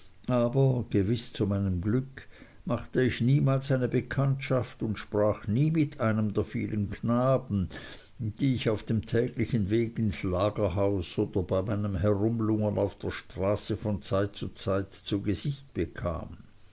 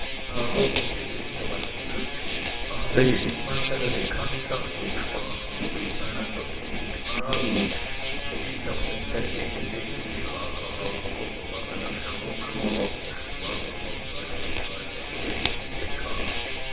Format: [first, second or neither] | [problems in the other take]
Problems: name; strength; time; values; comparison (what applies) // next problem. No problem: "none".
first | noise reduction (neural separator model SepFormer WHAMR!)